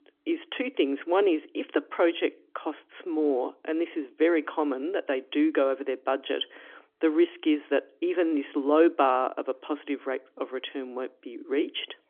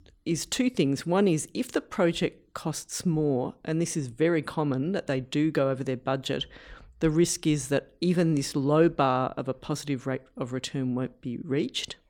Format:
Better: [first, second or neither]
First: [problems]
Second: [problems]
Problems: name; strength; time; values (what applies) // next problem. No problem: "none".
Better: second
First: phone-call audio; nothing above 3.5 kHz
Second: none